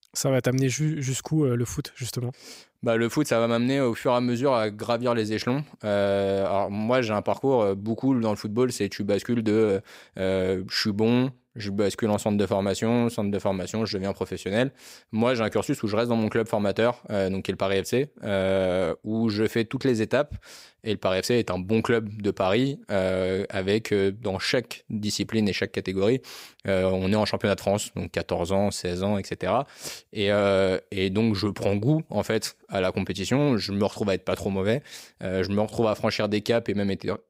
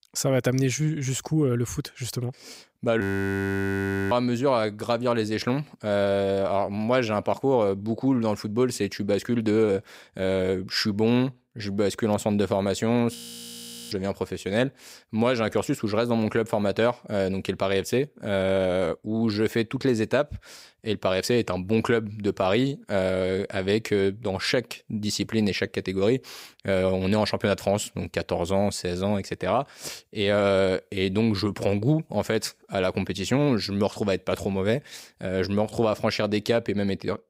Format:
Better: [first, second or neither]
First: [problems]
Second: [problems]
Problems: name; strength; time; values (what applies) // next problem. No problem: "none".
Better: first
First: none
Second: audio freezing; at 3 s for 1 s and at 13 s for 1 s